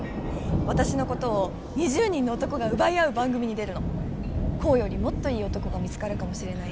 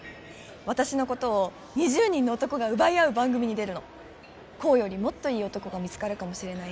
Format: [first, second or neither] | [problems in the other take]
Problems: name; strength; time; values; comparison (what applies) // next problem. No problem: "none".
second | background sound (Thunder); 2 dB below the speech